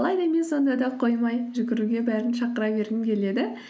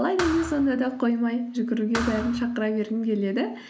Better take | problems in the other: first | background sound (Thump, thud); 11 dB below the speech

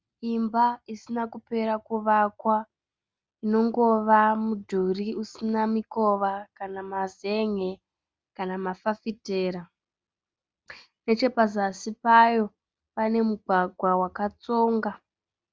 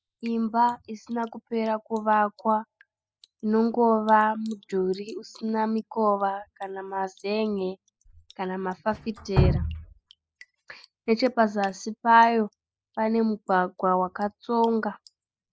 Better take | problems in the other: first | noise reduction (classical method spectral subtraction)

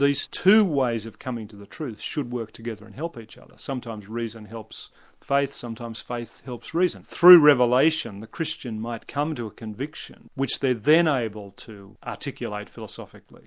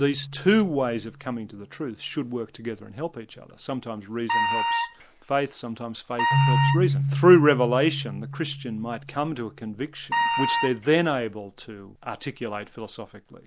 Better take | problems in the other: first | background sound (Keyboard (musical) + Wind instrument, woodwind instrument); 3 dB below the speech

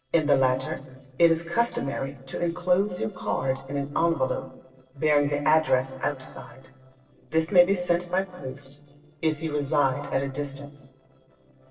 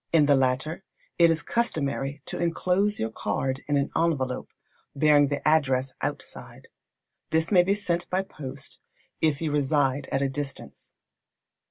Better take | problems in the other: second | noise reduction (neural separator model SepFormer DNS4)

